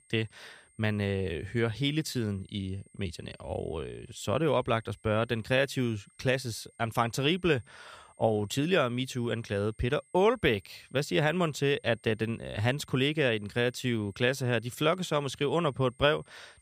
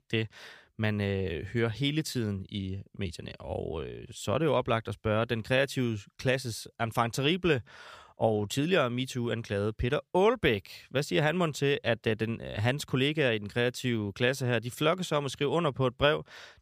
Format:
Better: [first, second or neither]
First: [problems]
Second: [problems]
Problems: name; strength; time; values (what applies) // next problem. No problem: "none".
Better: second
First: high-pitched whine; faint; throughout; 8.5 kHz, 30 dB below the speech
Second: none